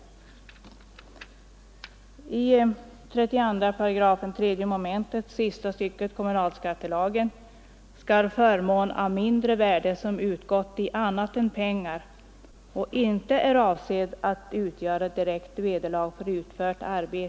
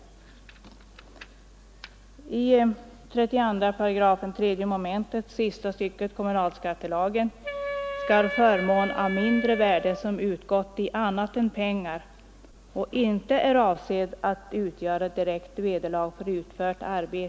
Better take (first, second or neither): first